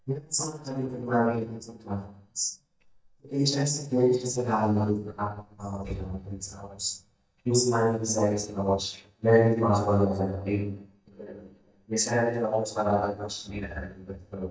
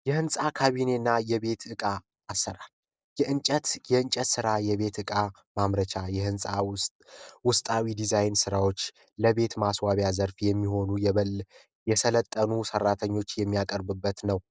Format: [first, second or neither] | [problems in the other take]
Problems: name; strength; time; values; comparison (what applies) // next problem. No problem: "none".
second | noise reduction (neural mask model DeepFilterNet 3)